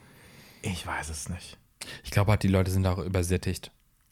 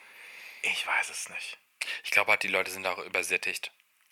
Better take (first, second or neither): first